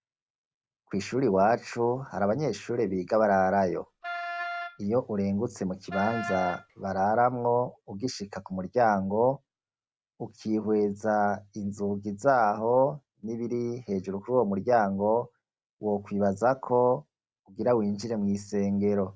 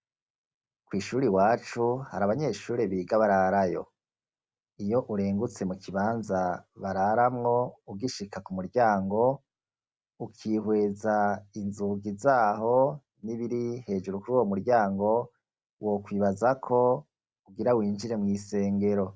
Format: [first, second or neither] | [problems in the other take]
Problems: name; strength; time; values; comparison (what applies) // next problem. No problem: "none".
second | background sound (Wind instrument, woodwind instrument); 9 dB below the speech